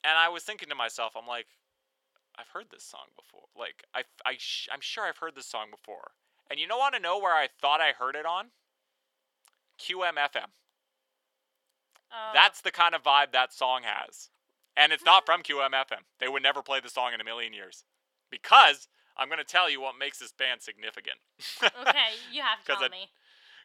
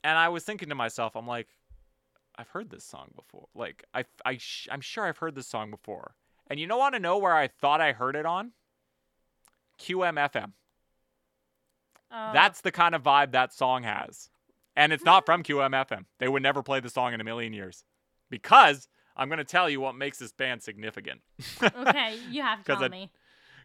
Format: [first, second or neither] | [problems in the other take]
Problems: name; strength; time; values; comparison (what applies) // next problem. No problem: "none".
second | thin; very; fading below 600 Hz